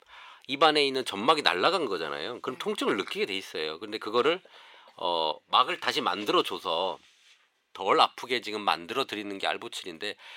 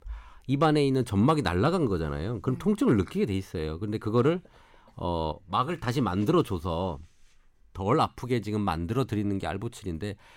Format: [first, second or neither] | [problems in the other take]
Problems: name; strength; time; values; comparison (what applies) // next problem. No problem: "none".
second | thin; very; fading below 550 Hz